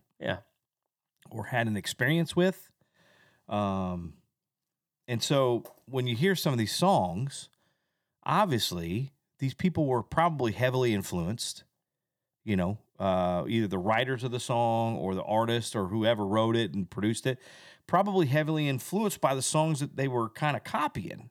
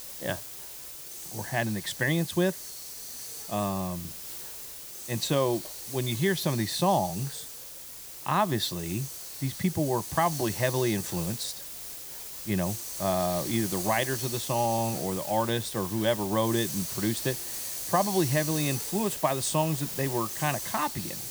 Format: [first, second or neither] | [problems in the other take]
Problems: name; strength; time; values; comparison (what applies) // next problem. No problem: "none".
first | hiss; loud; throughout; 6 dB below the speech